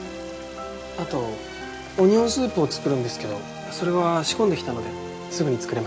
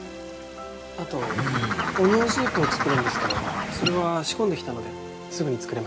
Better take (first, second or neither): first